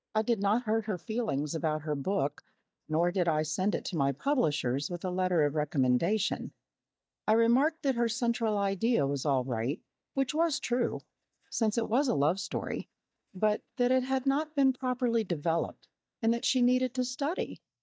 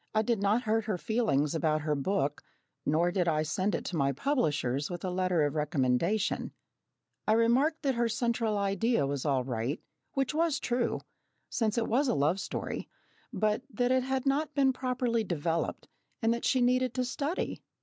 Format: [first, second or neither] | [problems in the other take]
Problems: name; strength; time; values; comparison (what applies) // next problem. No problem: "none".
second | noise reduction (neural mask model DeepFilterNet 3)